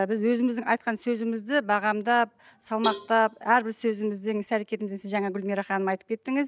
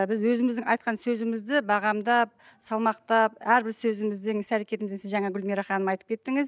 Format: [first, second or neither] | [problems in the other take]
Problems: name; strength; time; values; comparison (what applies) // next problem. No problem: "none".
second | background sound (Cowbell); 12 dB below the speech